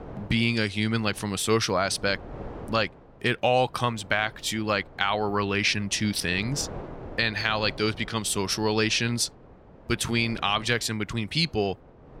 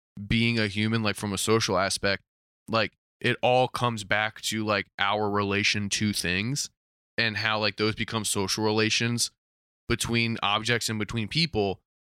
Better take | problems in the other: second | wind noise on the microphone; occasional gusts; 20 dB below the speech

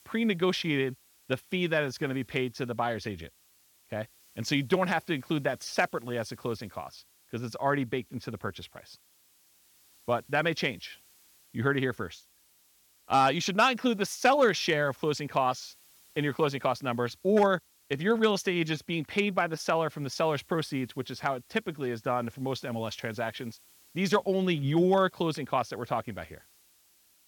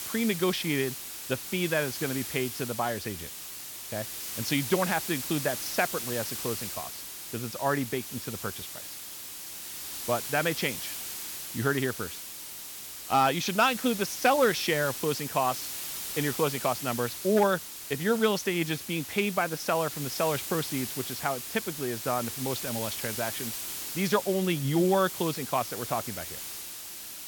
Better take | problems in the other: first | hiss; loud; throughout; 6 dB below the speech; faint in the first

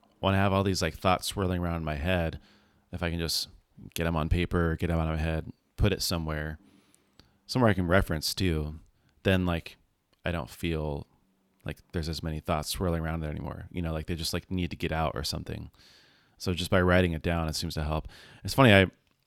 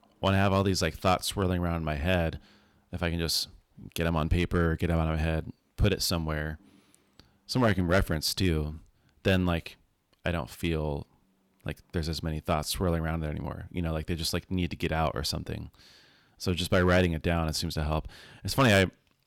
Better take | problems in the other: first | distortion; slight; 1.3% of the sound clipped

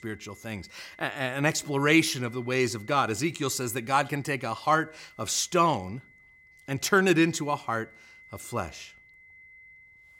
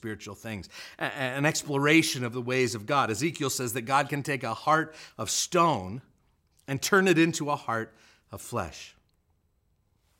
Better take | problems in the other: second | high-pitched whine; faint; throughout; 2 kHz, 25 dB below the speech

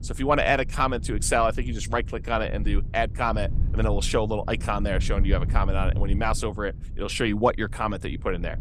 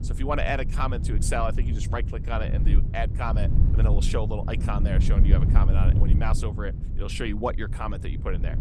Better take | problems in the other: first | low rumble; loud; throughout; 9 dB below the speech; faint in the first

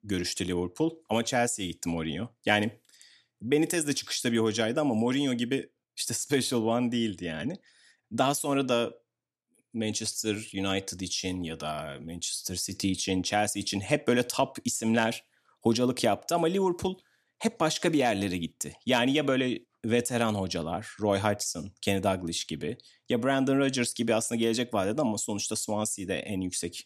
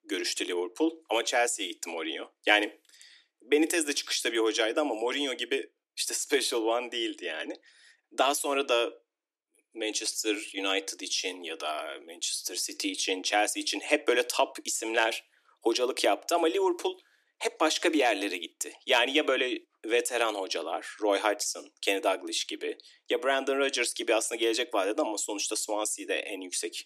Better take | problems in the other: first | thin; somewhat; fading below 300 Hz

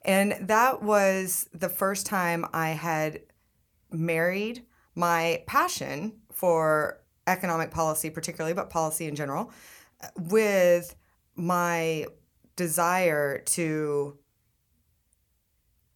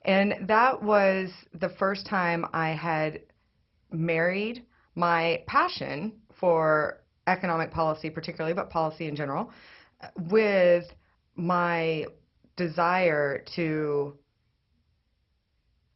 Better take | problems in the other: first | garbled, watery; badly; nothing above 5.5 kHz

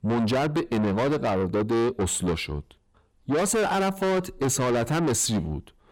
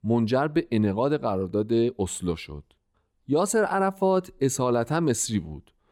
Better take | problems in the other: second | distortion; heavy; 6 dB below the speech

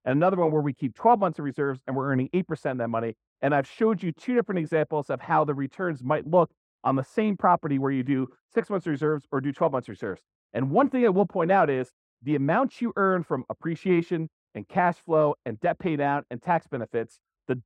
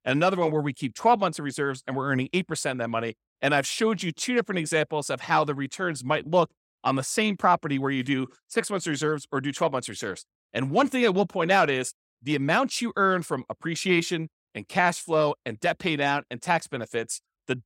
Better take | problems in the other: second | muffled; very; fading above 2.5 kHz

